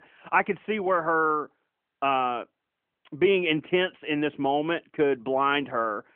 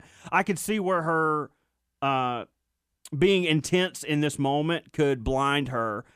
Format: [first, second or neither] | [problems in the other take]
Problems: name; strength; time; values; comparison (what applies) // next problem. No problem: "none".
second | phone-call audio; nothing above 3.5 kHz